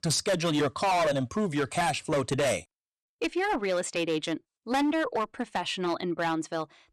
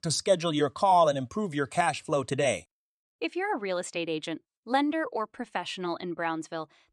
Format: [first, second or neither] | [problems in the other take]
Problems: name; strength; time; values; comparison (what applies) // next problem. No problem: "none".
second | distortion; heavy; 13% of the sound clipped